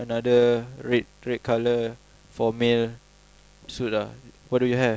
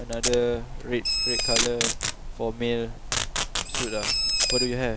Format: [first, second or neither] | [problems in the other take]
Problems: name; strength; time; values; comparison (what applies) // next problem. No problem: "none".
first | background sound (Packing tape, duct tape + Bird); 2 dB above the speech